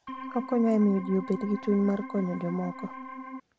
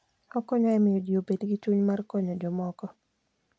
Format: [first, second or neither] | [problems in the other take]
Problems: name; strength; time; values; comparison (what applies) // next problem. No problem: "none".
second | background sound (Organ); 11 dB below the speech